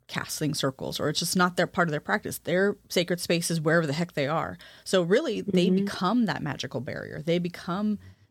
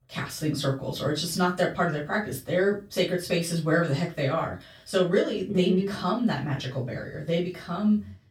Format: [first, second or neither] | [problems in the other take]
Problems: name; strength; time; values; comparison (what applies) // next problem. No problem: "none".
first | off-mic speech; far // room echo; slight; dies away in 0.2 s